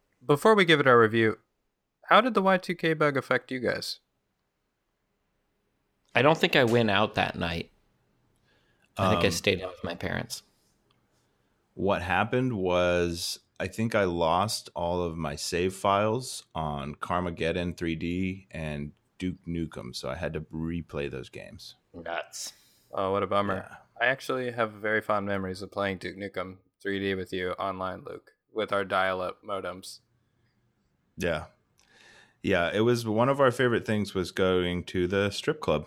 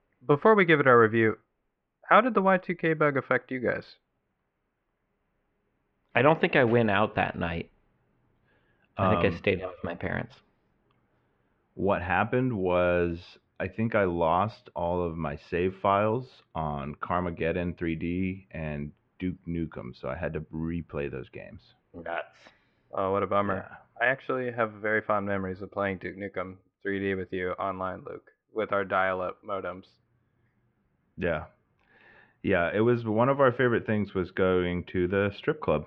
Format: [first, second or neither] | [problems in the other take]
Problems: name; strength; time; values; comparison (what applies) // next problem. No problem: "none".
first | muffled; very; fading above 2.5 kHz